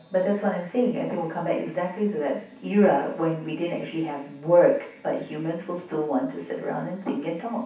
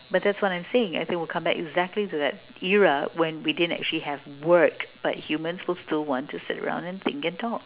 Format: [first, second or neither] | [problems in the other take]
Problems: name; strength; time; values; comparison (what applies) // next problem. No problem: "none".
second | room echo; dies away in 0.7 s